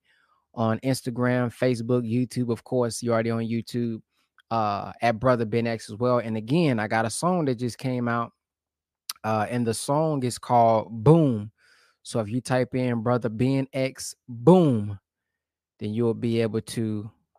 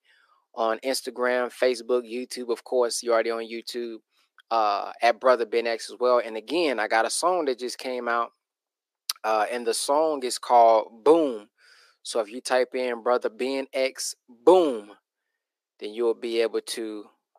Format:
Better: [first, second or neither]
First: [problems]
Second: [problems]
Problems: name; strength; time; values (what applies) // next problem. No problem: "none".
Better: first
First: none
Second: thin; very; fading below 350 Hz